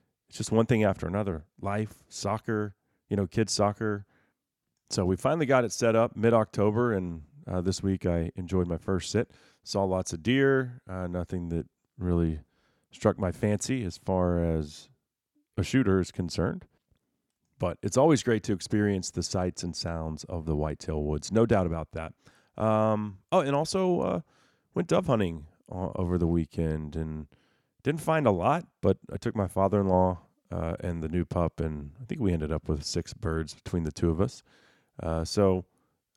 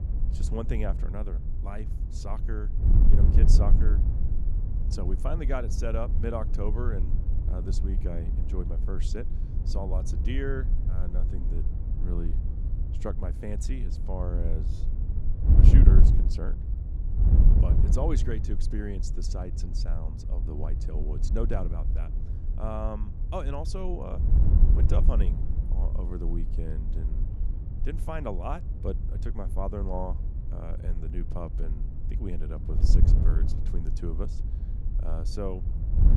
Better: first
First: none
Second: wind noise on the microphone; heavy; 5 dB below the speech

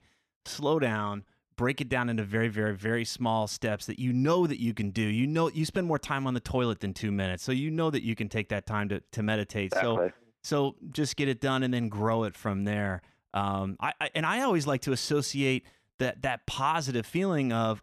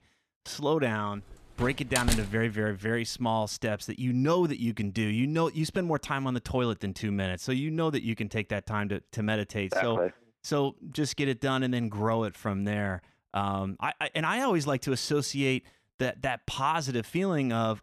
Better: first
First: none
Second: door banging; loud; at 1.5 s; peak 1 dB above the speech

